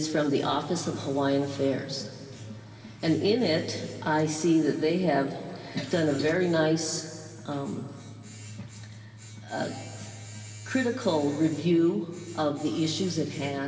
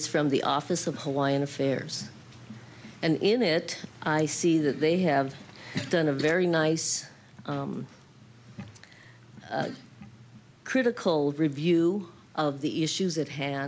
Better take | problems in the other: second | background sound (Domestic sounds, home sounds); 16 dB below the speech // room echo; dies away in 2.6 s

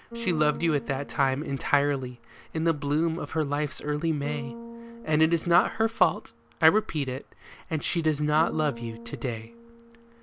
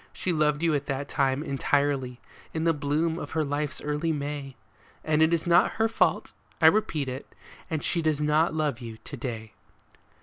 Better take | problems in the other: second | background sound (Bass guitar); 16 dB below the speech

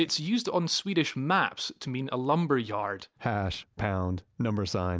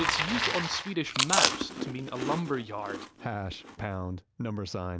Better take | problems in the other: first | background sound (Bicycle + Chewing, mastication); 1 dB above the speech

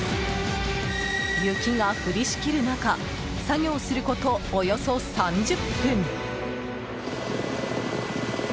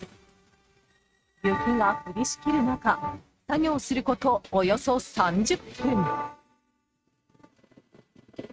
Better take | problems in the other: first | noise reduction (neural mask model RNNoise)

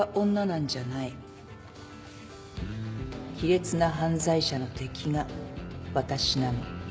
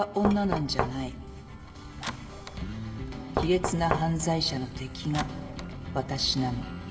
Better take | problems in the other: first | background sound (Knock); 5 dB below the speech // room echo; dies away in 2.8 s

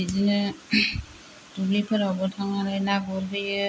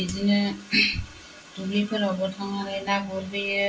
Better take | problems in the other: first | room echo; dies away in 0.2 s

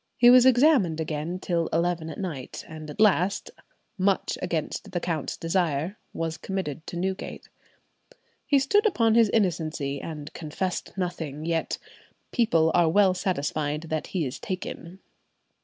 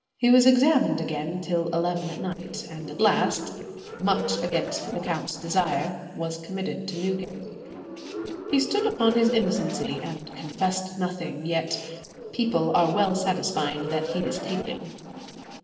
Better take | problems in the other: first | noise reduction (neural separator model SepFormer DNS4)

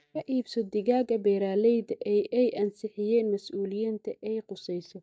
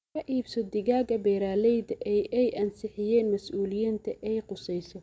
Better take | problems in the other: second | noise reduction (neural mask model DeepFilterNet 3)

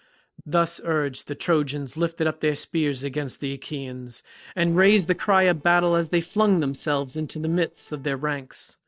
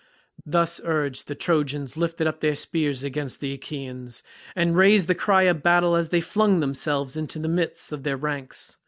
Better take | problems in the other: second | noise reduction (neural separator model SepFormer DNS4)

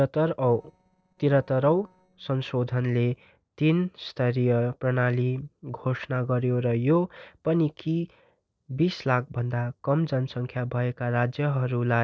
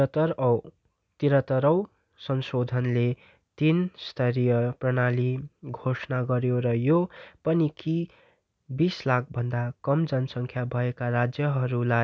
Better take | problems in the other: second | noise reduction (neural separator model SepFormer DNS4)

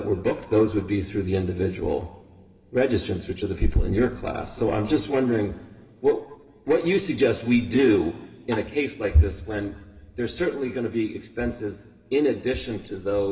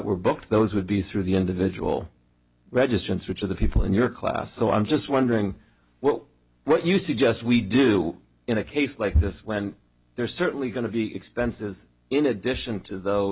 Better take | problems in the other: second | background sound (Tap); 14 dB below the speech // room echo; dies away in 1.7 s

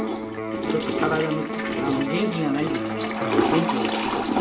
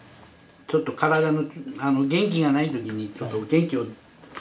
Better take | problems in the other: second | background sound (Toilet flush / Water + Electric guitar); 3 dB above the speech

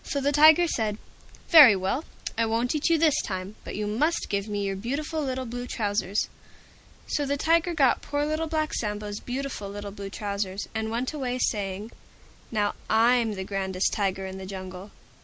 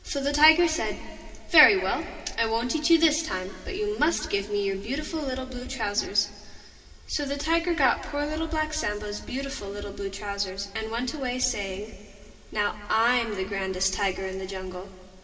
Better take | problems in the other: first | room echo; dies away in 2.2 s

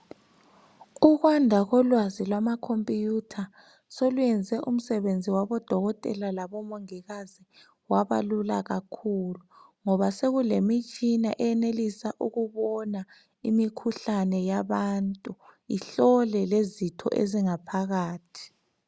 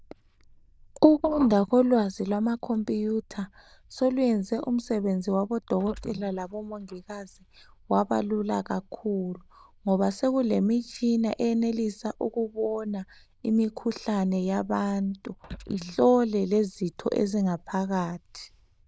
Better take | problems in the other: first | noise reduction (neural diffusion model UNIVERSE++)

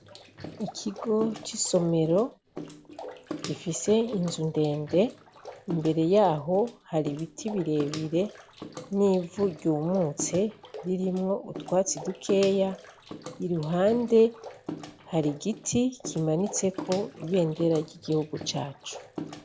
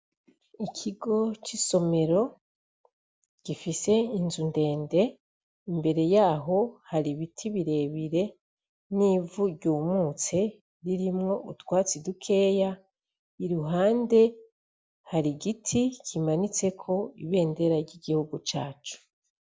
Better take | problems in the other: second | background sound (Bathtub (filling or washing) / Water / Splash, splatter); 14 dB below the speech

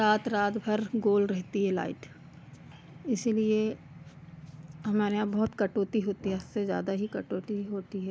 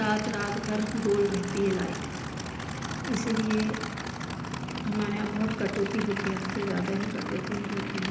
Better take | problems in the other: first | background sound (Idling / Aircraft); 4 dB below the speech // room echo; dies away in 1 s

